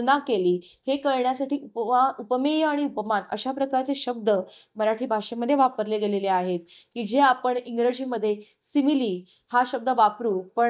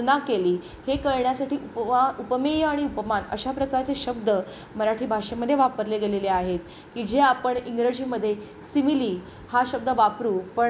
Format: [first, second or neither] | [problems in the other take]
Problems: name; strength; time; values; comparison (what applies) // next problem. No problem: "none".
second | noise reduction (neural mask model DeepFilterNet 3)